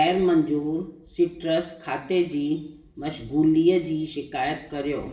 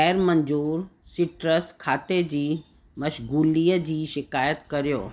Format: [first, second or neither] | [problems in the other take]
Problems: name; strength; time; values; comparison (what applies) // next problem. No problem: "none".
second | room echo; dies away in 0.7 s